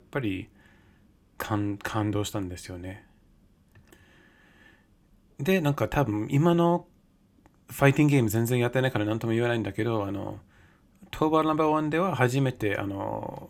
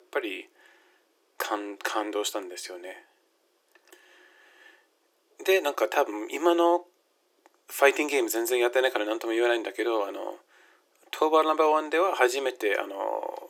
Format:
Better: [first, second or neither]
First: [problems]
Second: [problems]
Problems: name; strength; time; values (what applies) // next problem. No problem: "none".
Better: first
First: none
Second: thin; very; fading below 350 Hz